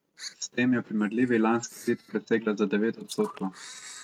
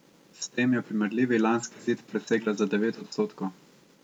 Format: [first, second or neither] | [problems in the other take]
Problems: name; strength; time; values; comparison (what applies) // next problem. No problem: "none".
second | noise reduction (neural mask model RNNoise)